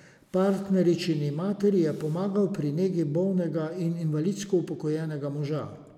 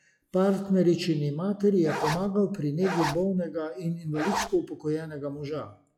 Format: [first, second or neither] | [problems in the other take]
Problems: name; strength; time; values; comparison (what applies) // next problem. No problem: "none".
first | noise reduction (classical method log-MMSE)